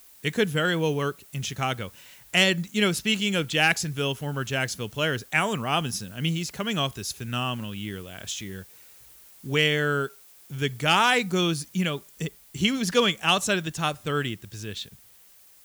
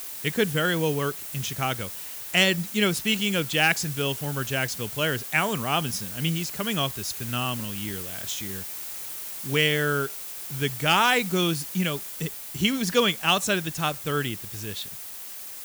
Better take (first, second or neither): first